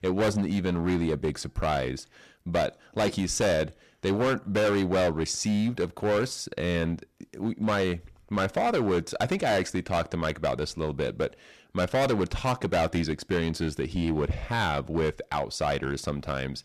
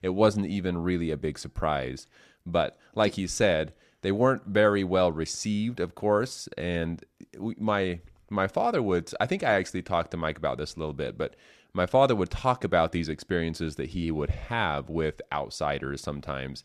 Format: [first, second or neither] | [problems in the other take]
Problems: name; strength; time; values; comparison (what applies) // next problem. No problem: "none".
second | distortion; heavy; 11% of the sound clipped